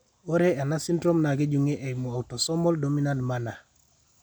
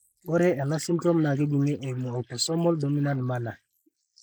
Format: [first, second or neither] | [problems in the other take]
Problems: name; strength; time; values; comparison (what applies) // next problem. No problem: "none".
first | noise reduction (neural mask model Resemble Enhance denoiser)